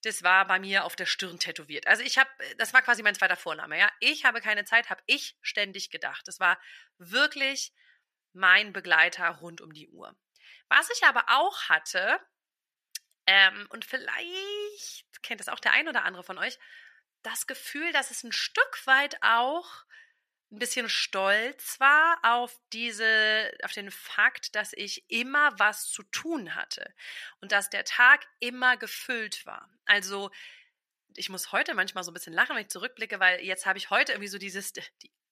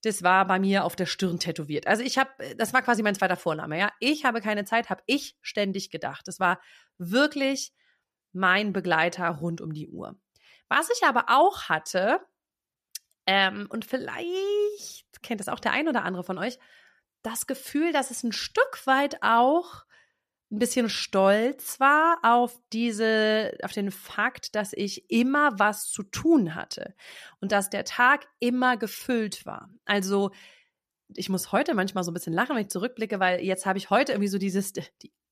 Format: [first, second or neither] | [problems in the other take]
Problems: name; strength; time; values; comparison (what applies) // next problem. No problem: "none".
second | thin; very; fading below 1 kHz